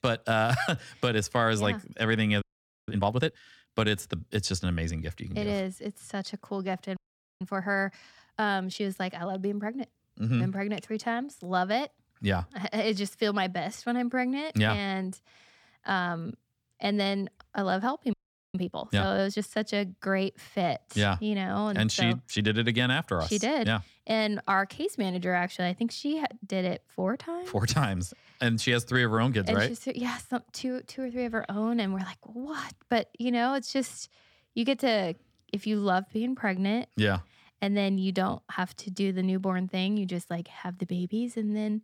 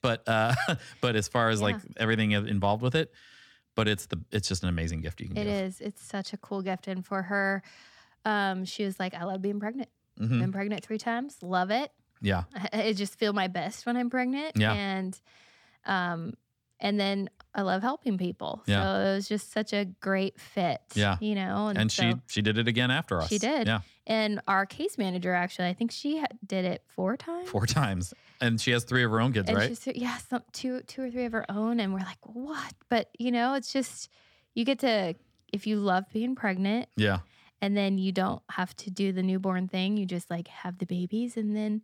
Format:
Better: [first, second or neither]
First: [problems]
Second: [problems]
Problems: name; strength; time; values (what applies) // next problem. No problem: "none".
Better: second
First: audio freezing; at 2.5 s, at 7 s and at 18 s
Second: none